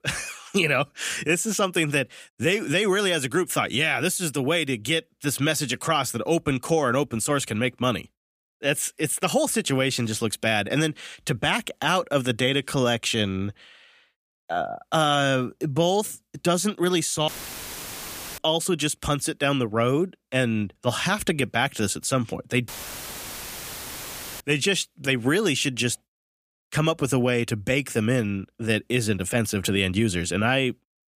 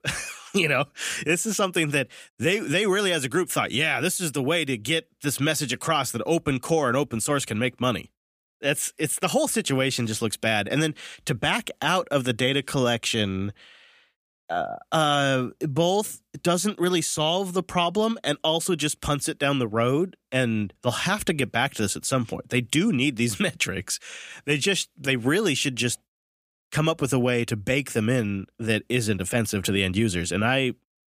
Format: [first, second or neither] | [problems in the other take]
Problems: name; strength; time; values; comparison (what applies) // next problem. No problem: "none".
second | audio cutting out; filled with static; at 17 s for 1 s and at 23 s for 1.5 s